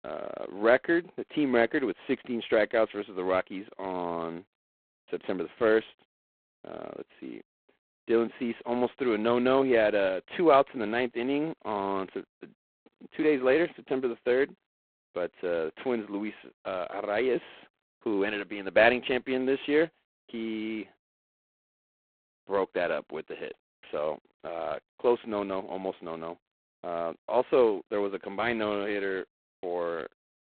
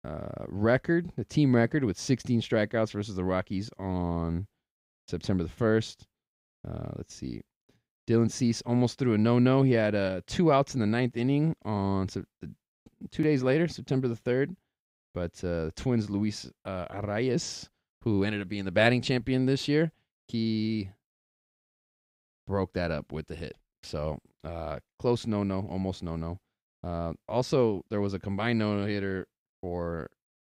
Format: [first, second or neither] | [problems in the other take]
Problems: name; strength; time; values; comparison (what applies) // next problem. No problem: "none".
second | phone-call audio; poor line; nothing above 4 kHz